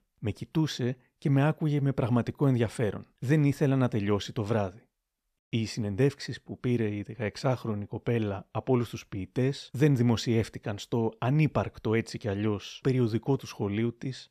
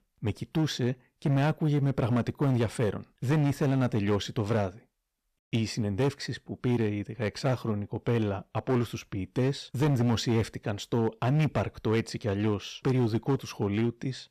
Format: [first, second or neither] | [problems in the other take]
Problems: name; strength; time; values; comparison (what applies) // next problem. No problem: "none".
first | distortion; slight; 8% of the sound clipped